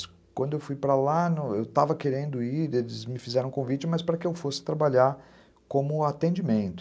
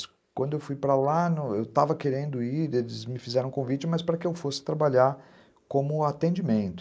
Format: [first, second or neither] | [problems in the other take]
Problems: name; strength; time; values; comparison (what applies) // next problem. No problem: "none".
first | noise reduction (neural mask model Resemble Enhance denoiser)